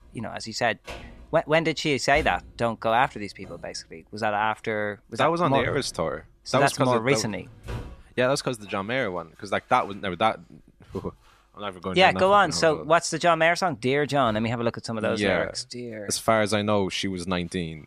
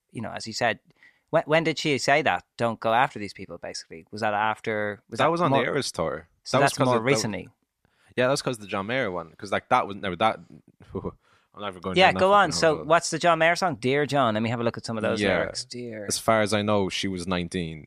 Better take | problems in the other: second | household noises; faint; throughout; 20 dB below the speech

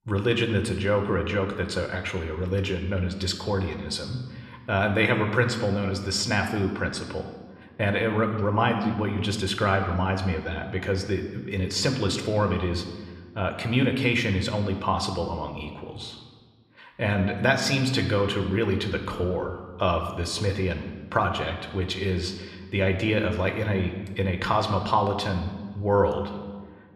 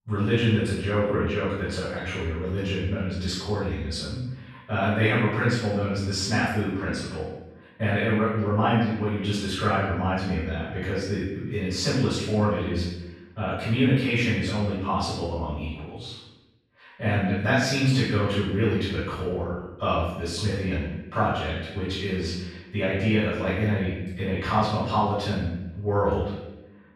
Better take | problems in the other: first | room echo; strong; dies away in 0.9 s; slight in the first // off-mic speech; far

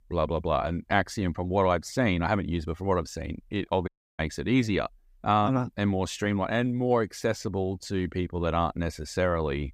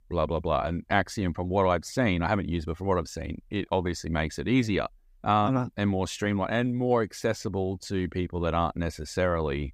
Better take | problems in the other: second | audio cutting out; at 4 s

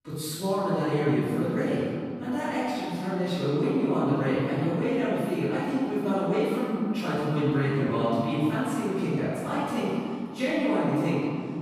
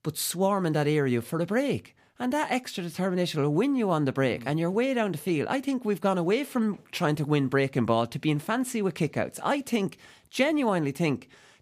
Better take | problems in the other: second | off-mic speech; far // room echo; strong; dies away in 2.4 s

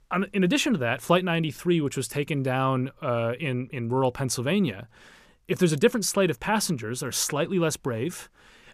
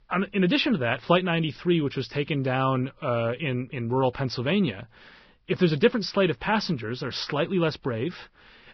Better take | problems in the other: first | garbled, watery; badly; nothing above 5.5 kHz

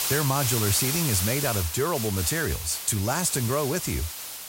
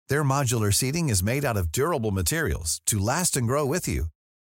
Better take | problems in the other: second | hiss; loud; throughout; 3 dB below the speech

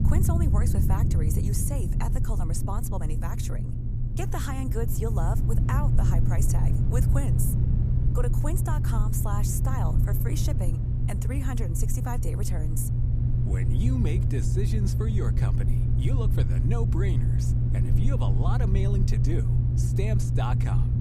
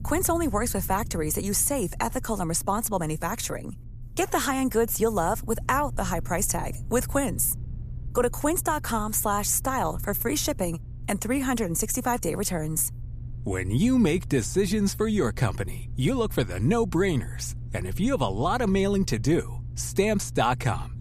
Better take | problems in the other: second | low rumble; loud; throughout; 1 dB below the speech; faint in the second

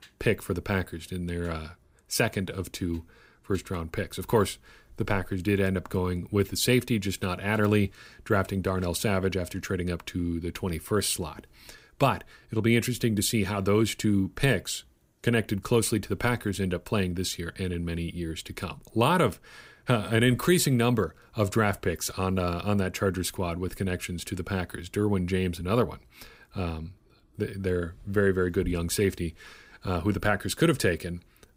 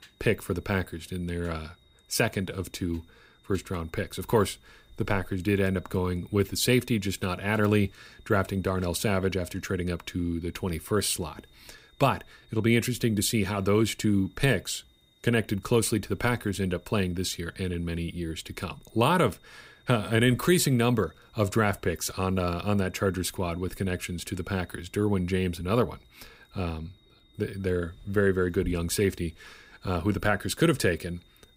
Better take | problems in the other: first | high-pitched whine; faint; throughout; 3.5 kHz, 35 dB below the speech

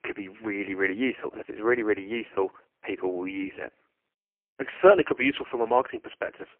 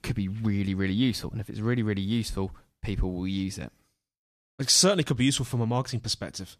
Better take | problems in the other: second | phone-call audio; poor line; nothing above 3 kHz

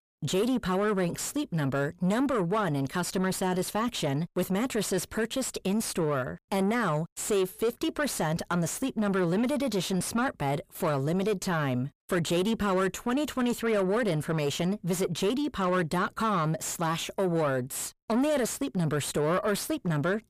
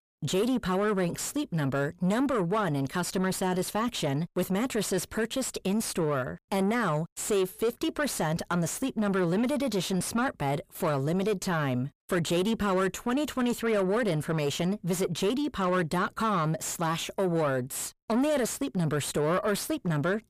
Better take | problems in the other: neither | distortion; slight; 10 dB below the speech; the same in both

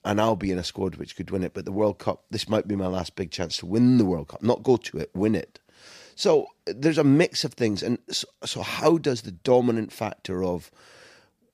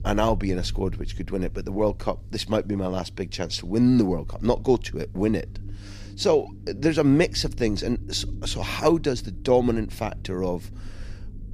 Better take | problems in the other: first | low rumble; faint; throughout; 25 dB below the speech

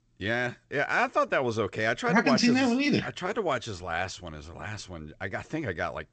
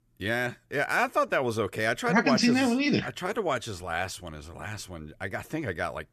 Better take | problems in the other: second | garbled, watery; slightly; nothing above 8 kHz

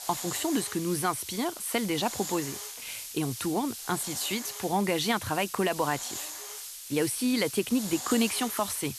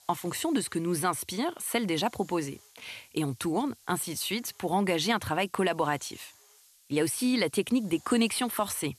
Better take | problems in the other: second | hiss; loud; throughout; 7 dB below the speech; faint in the second

